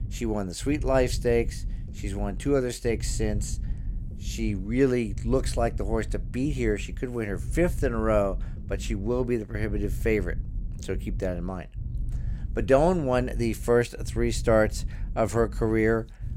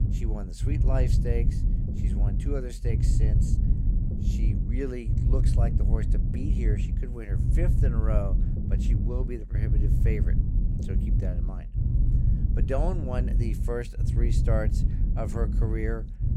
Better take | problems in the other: first | low rumble; loud; throughout; 4 dB below the speech; faint in the first

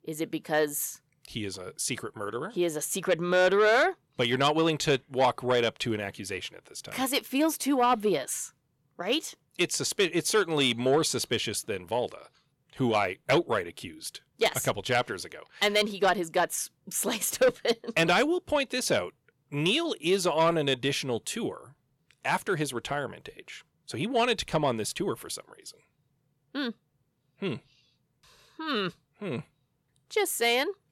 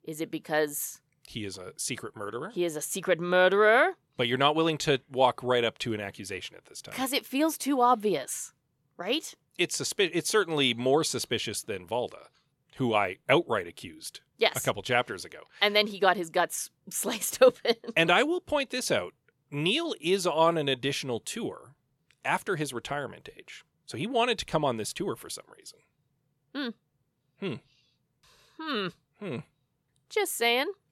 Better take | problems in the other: second | distortion; slight; 10 dB below the speech

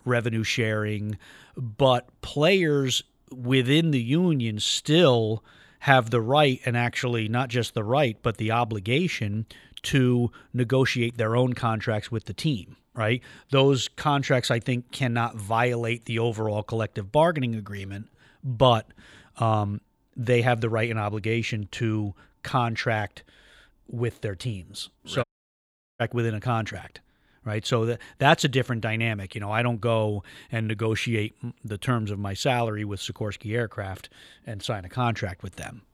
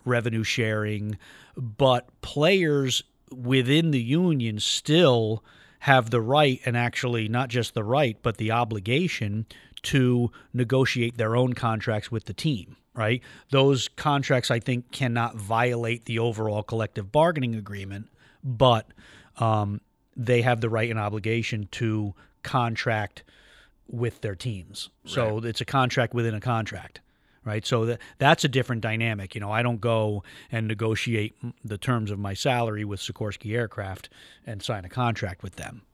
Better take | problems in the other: second | audio cutting out; at 25 s for 1 s

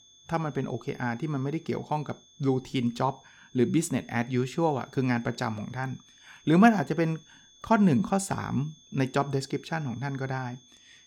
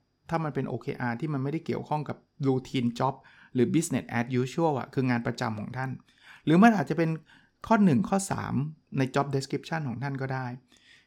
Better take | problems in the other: second | high-pitched whine; faint; throughout; 3.5 kHz, 25 dB below the speech

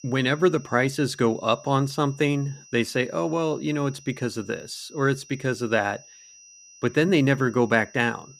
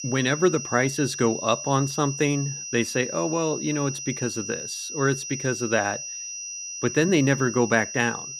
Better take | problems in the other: first | high-pitched whine; loud; throughout; 6 kHz, 7 dB below the speech; faint in the first

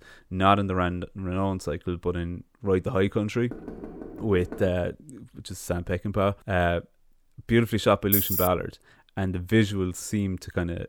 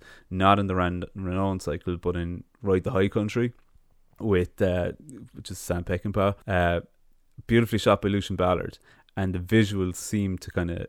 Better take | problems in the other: second | door banging; faint; from 3.5 to 4.5 s; peak 15 dB below the speech // jangling keys; loud; at 8 s; peak 4 dB above the speech

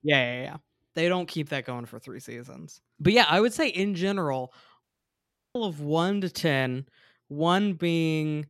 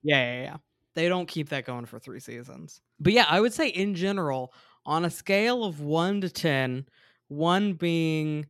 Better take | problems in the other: second | audio cutting out; at 5 s for 0.5 s

